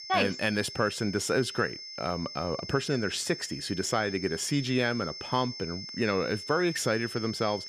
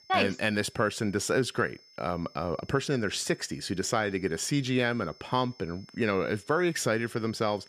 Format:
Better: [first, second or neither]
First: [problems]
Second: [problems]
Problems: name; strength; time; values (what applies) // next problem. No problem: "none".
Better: second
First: high-pitched whine; loud; throughout; 5.5 kHz, 9 dB below the speech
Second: high-pitched whine; faint; throughout; 5.5 kHz, 25 dB below the speech